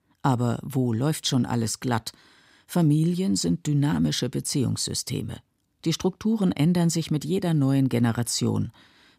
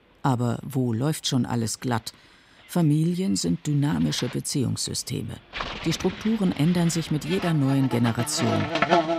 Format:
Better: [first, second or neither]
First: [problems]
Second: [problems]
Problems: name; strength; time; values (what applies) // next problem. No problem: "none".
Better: first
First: none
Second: animal sounds; loud; throughout; 5 dB below the speech